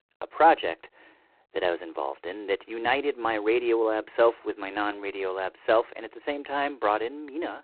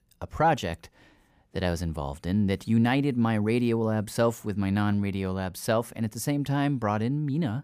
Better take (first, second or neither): second